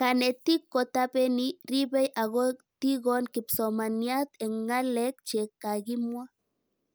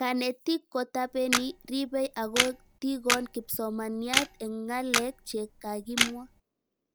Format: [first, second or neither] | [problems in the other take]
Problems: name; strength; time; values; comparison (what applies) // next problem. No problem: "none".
first | background sound (Camera); 1 dB below the speech